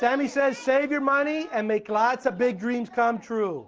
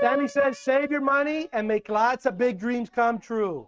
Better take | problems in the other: first | noise reduction (neural mask model RNNoise)

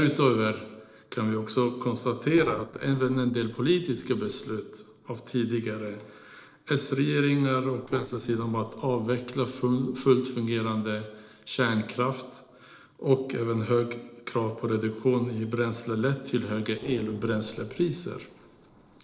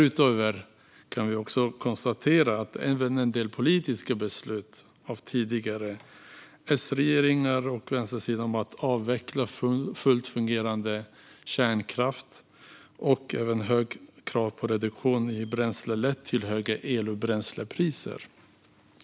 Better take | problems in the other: second | noise reduction (neural separator model SepFormer DNS4)

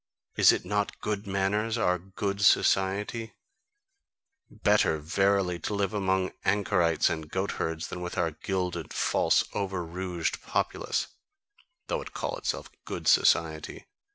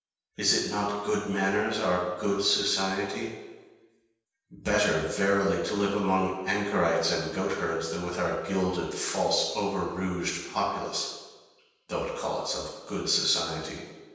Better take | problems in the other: first | room echo; dies away in 1.2 s

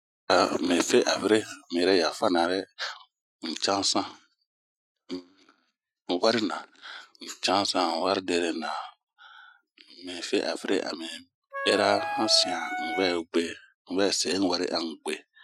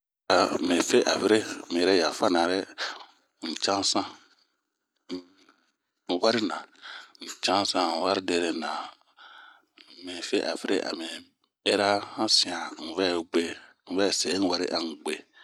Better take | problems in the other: second | noise reduction (classical method Wiener filter)

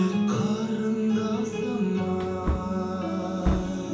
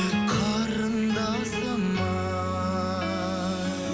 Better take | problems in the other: second | background sound (Wood); 8 dB below the speech // room echo; dies away in 0.7 s

